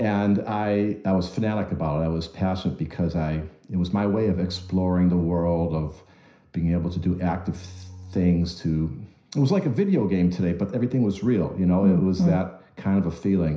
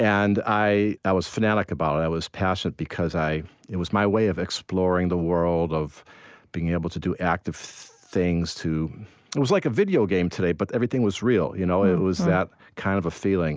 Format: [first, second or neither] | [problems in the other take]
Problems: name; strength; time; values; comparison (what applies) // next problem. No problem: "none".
second | background sound (Bowed string instrument); 17 dB below the speech // room echo; dies away in 0.5 s